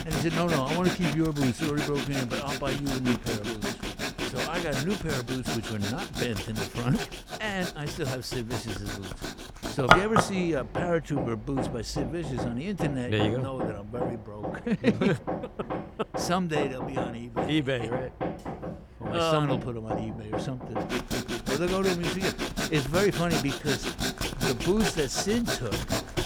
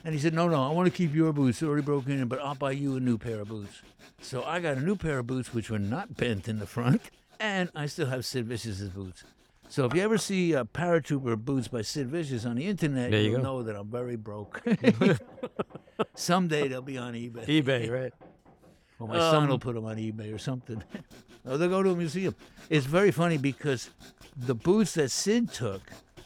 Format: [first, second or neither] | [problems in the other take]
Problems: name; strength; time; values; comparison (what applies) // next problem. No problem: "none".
second | machinery noise; loud; throughout; 2 dB below the speech; faint in the second